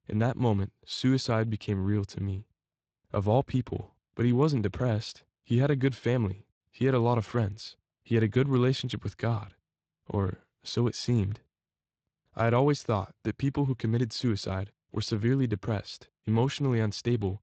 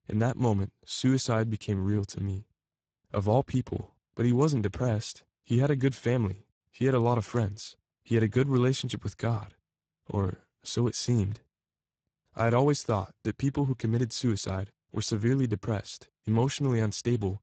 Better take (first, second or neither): first